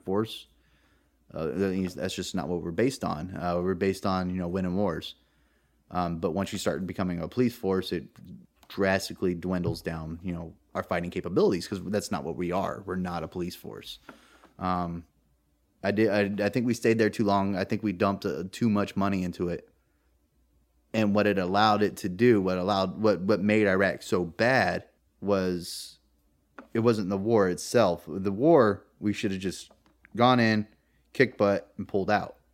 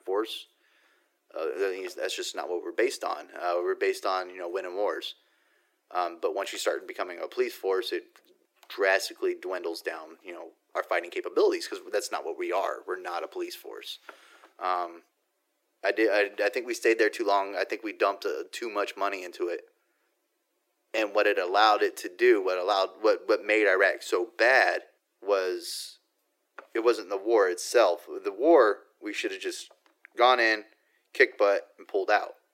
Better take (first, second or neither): first